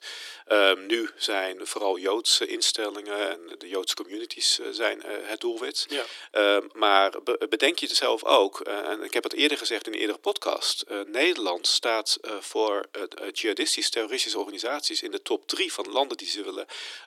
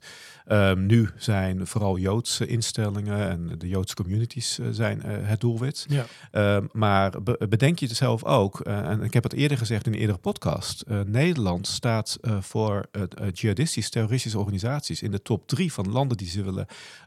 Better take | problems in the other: second | thin; very; fading below 300 Hz

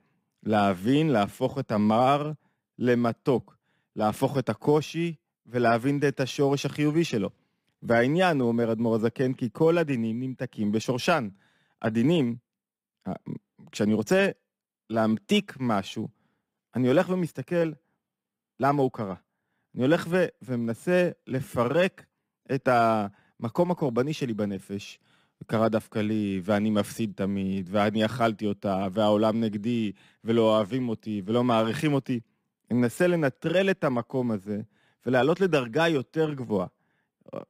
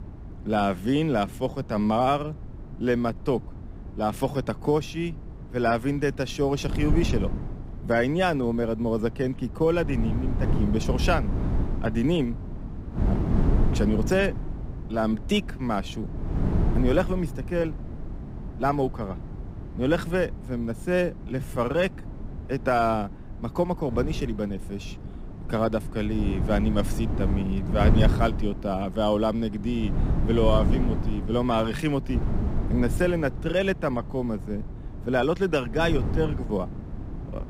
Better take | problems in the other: first | wind noise on the microphone; occasional gusts; 15 dB below the speech

